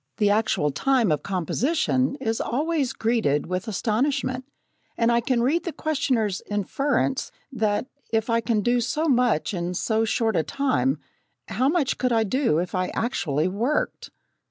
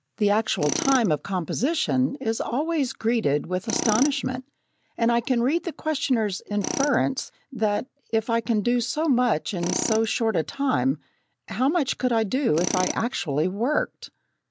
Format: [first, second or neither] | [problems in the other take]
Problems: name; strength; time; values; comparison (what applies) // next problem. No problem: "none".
first | background sound (Tools); 12 dB below the speech